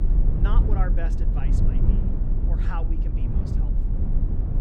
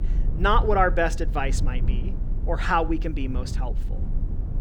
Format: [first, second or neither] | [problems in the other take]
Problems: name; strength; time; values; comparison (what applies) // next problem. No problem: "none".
second | low rumble; loud; throughout; 2 dB below the speech; faint in the second